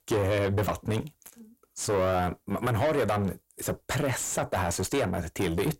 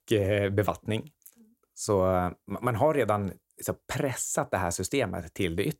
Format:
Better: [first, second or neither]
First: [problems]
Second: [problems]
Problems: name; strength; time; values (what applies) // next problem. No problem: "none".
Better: second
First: distortion; heavy; 6 dB below the speech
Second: none